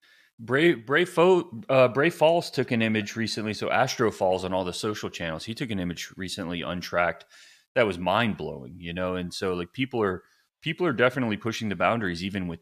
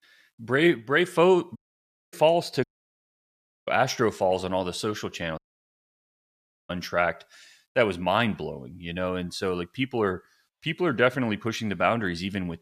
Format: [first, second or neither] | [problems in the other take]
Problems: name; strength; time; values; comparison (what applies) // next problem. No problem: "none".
first | audio cutting out; at 1.5 s for 0.5 s, at 2.5 s for 1 s and at 5.5 s for 1.5 s